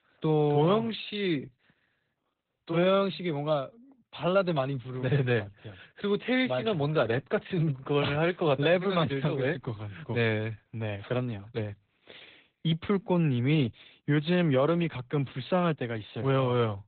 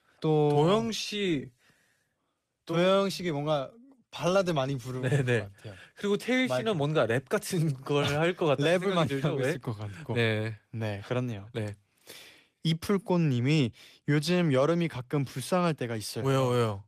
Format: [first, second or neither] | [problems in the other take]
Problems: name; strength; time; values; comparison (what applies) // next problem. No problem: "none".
second | garbled, watery; badly; nothing above 4 kHz; slightly in the second